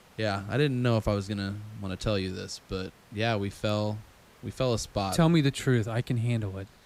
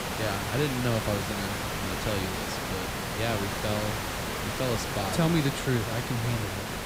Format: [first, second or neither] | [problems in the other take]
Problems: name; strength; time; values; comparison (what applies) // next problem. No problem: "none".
first | hiss; loud; throughout; as loud as the speech; faint in the first